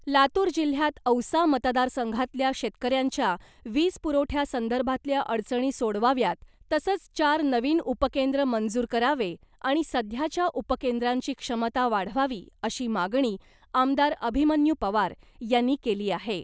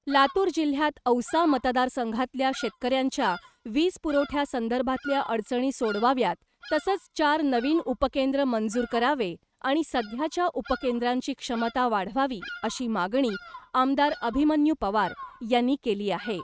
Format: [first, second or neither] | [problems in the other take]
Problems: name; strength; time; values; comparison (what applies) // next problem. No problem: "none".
first | noise reduction (neural mask model RNNoise)